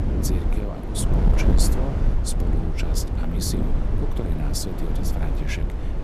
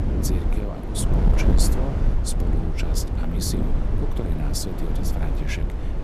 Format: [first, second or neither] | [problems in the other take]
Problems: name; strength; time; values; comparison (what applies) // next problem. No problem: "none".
neither | wind noise on the microphone; heavy; as loud as the speech; the same in both